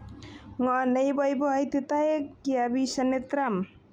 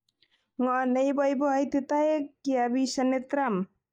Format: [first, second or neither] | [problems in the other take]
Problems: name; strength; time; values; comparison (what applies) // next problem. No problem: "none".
first | noise reduction (neural mask model DeepFilterNet 3)